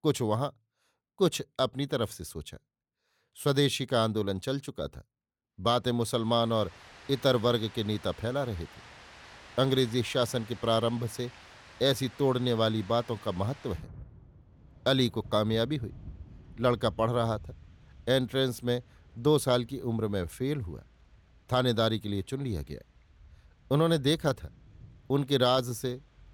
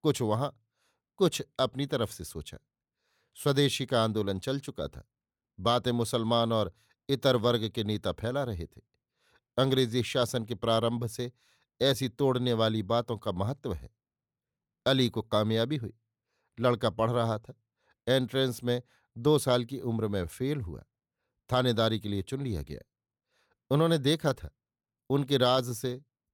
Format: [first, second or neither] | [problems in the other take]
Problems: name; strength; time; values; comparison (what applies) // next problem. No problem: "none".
second | rain or running water; faint; from 6.5 s on; 20 dB below the speech